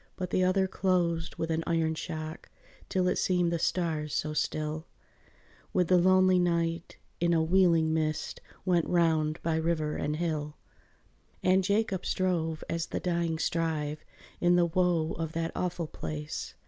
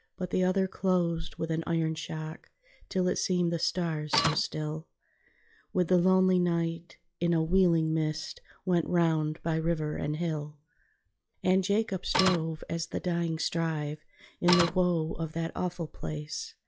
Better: first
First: none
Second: noise reduction (classical method log-MMSE)

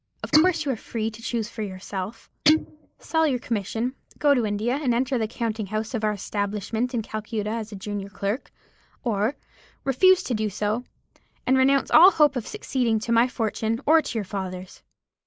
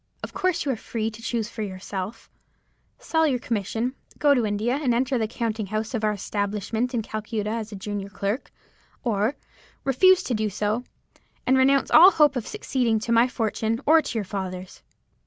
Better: second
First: noise reduction (neural mask model Resemble Enhance denoiser)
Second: none

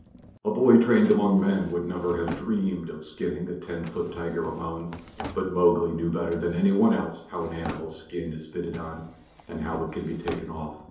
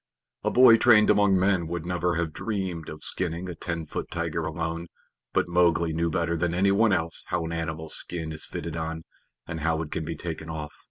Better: second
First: background sound (Drawer open or close); 17 dB below the speech // room echo; dies away in 2.2 s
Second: none

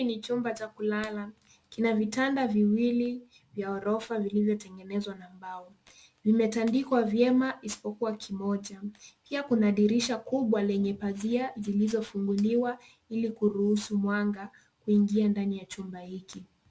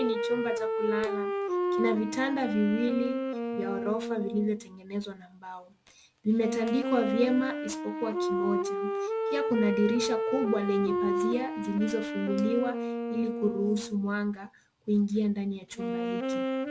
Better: first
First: none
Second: background sound (Wind instrument, woodwind instrument); 2 dB below the speech

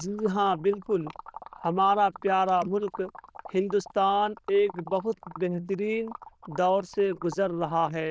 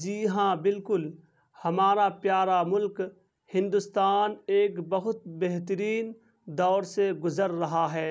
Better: second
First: noise reduction (neural diffusion model UNIVERSE++)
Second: none

